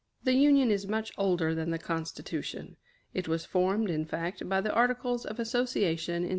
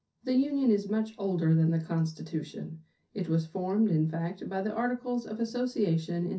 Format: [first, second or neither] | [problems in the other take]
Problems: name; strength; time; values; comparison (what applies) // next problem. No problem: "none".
first | room echo; dies away in 0.3 s